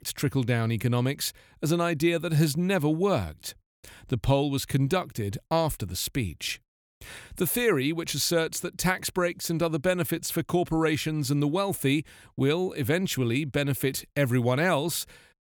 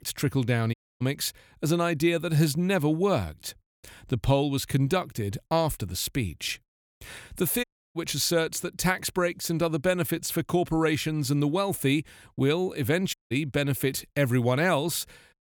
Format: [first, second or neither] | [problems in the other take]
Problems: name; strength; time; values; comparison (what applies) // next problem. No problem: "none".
first | audio cutting out; at 0.5 s, at 7.5 s and at 13 s